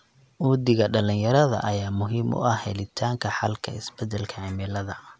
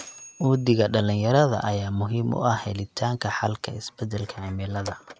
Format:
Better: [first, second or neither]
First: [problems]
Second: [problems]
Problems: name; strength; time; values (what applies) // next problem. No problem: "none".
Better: first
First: none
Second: noise reduction (neural mask model RNNoise)